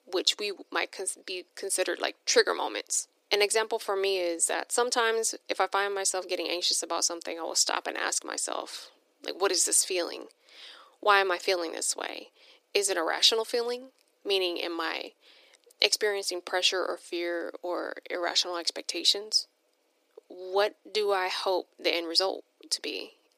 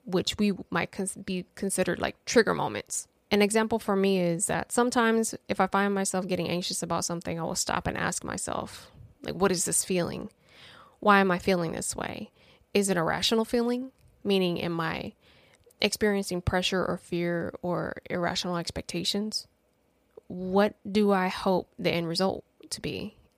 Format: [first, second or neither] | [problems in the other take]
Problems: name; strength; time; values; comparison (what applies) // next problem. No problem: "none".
second | thin; very; fading below 300 Hz